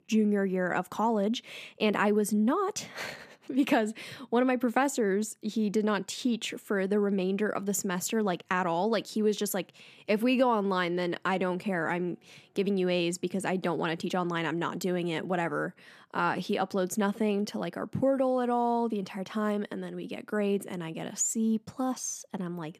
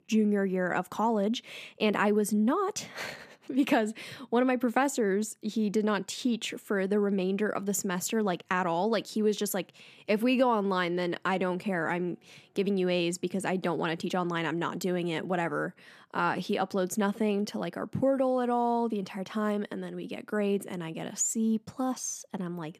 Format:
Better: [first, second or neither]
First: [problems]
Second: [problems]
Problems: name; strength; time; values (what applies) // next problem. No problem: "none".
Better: neither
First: none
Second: none